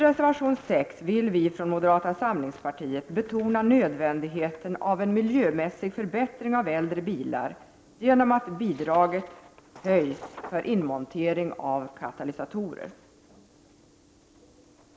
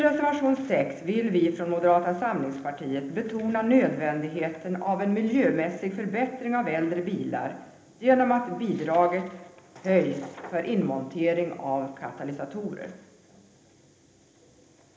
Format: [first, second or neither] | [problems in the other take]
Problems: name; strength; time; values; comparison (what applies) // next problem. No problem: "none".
first | room echo; dies away in 0.8 s